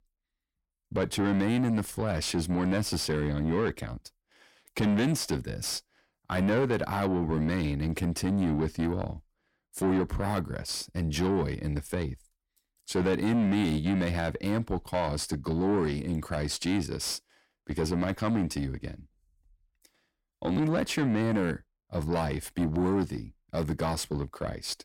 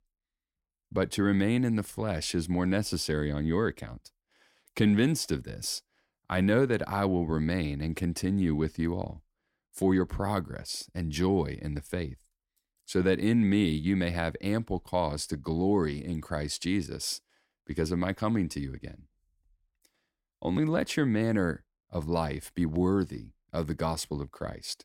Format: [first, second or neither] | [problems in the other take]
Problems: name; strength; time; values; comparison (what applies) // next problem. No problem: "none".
second | distortion; slight; 10 dB below the speech